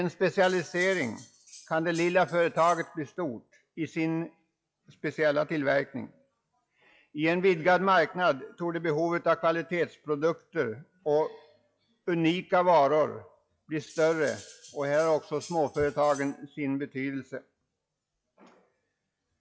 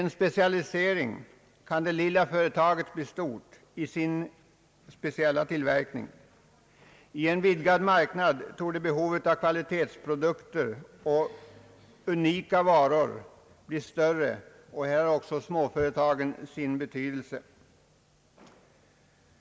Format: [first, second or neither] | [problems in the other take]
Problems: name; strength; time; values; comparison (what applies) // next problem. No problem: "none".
second | noise reduction (classical method log-MMSE)